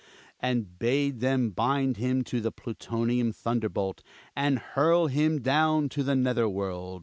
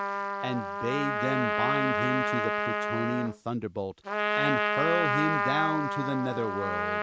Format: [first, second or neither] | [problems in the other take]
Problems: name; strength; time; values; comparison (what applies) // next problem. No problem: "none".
first | background sound (Trumpet); 3 dB above the speech